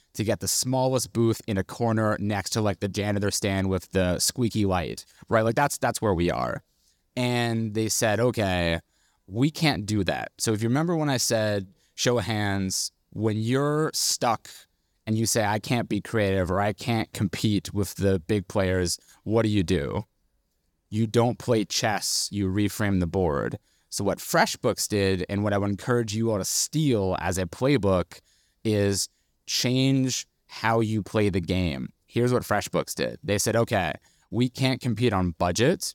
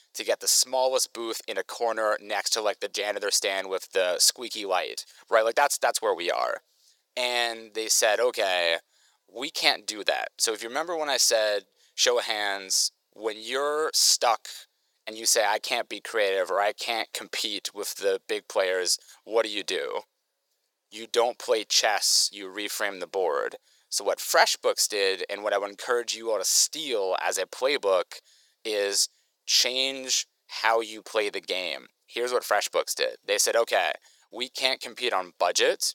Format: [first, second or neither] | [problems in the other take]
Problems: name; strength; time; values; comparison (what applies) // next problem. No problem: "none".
first | thin; very; fading below 500 Hz